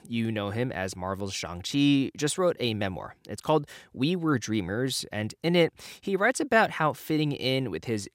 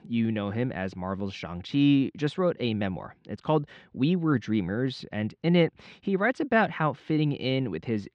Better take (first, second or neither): first